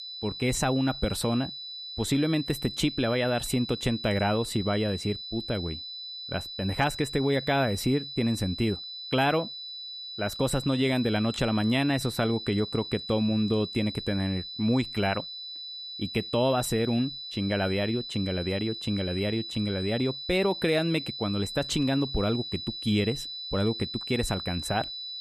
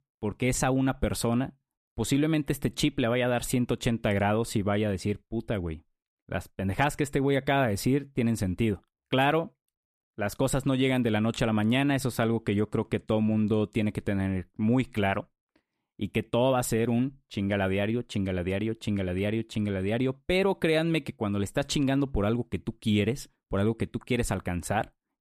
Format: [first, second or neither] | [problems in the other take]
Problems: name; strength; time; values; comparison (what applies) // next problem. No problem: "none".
second | high-pitched whine; loud; throughout; 4 kHz, 8 dB below the speech